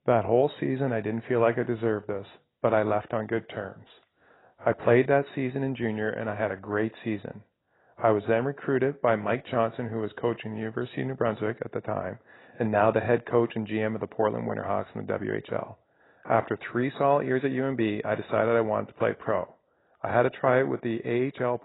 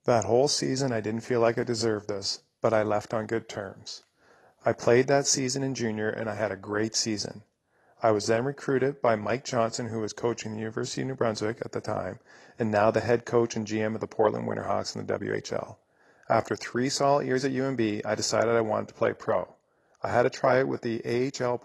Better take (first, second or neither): second